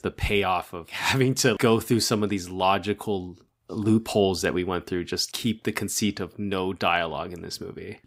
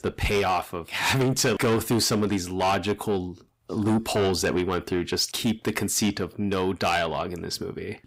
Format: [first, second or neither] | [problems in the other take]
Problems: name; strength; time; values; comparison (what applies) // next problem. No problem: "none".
first | distortion; heavy; 8 dB below the speech